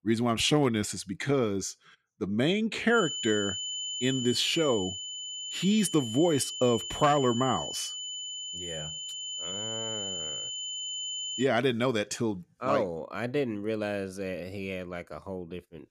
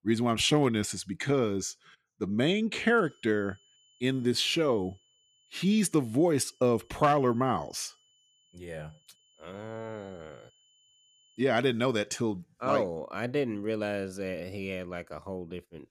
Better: second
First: high-pitched whine; loud; from 3 to 11 s; 3 kHz, 5 dB below the speech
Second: high-pitched whine; faint; from 3 to 11 s; 3 kHz, 35 dB below the speech

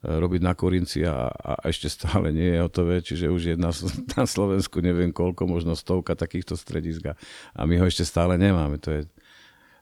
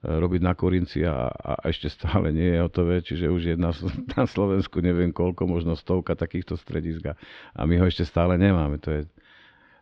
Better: first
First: none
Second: muffled; slightly; fading above 3.5 kHz

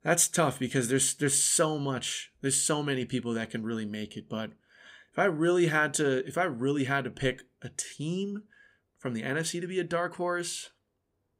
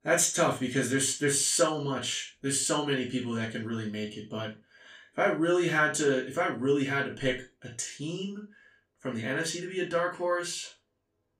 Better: first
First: none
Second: room echo; slight; dies away in 0.2 s // off-mic speech; far

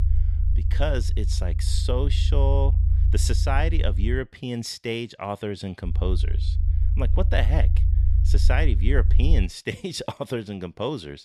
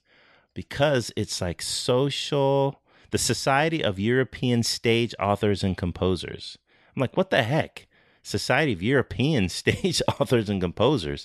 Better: second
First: low rumble; noticeable; until 4 s and from 6 to 9.5 s; 10 dB below the speech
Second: none

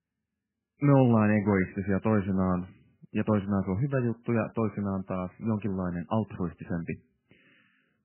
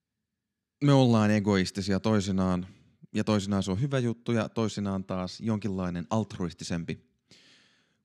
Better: second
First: garbled, watery; badly; nothing above 2.5 kHz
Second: none

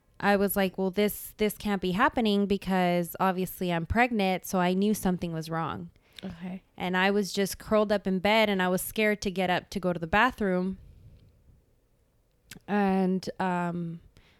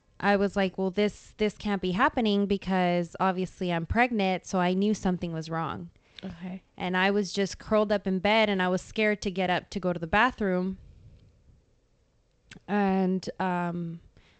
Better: first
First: none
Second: garbled, watery; slightly; nothing above 8 kHz

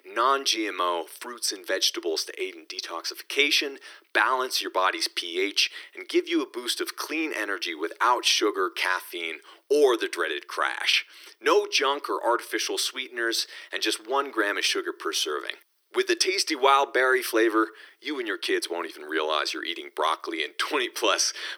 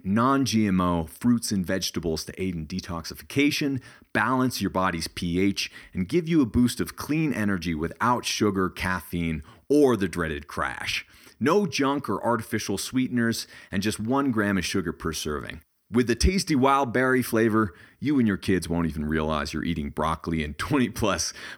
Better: second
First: thin; very; fading below 350 Hz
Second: none

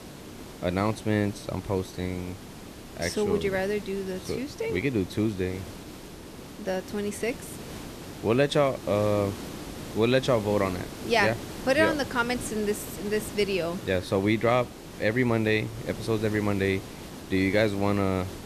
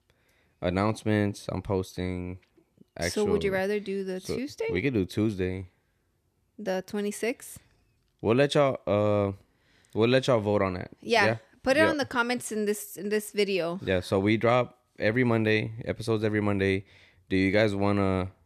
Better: second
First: hiss; noticeable; throughout; 15 dB below the speech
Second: none

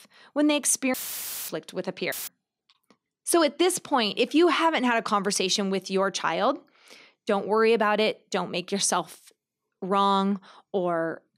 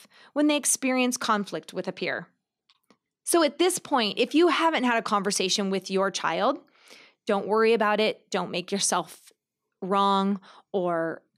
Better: second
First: audio cutting out; filled with static; at 1 s for 0.5 s and at 2 s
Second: none

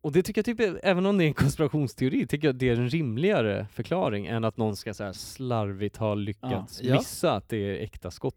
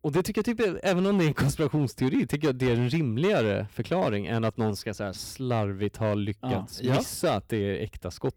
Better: first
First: none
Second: distortion; slight; 8% of the sound clipped

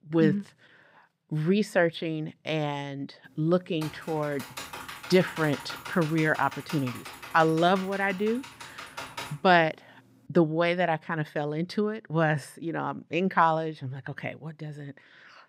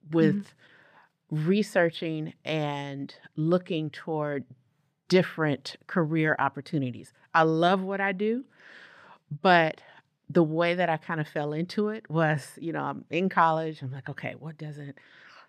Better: second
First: keyboard typing; faint; from 4 to 9.5 s; peak 10 dB below the speech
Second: none

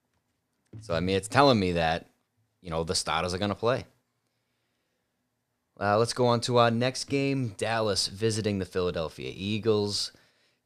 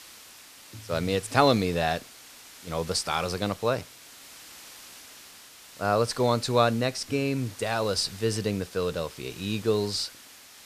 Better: first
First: none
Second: hiss; noticeable; throughout; 20 dB below the speech

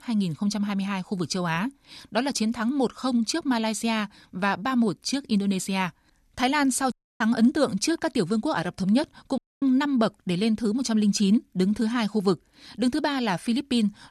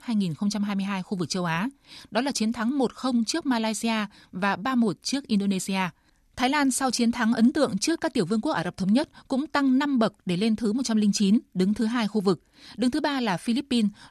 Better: second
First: audio cutting out; at 7 s and at 9.5 s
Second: none

